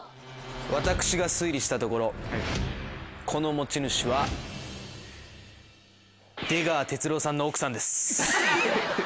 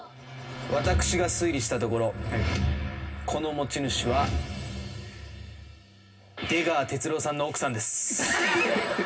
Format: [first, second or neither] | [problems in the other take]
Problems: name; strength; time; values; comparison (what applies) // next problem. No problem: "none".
first | room echo; dies away in 0.4 s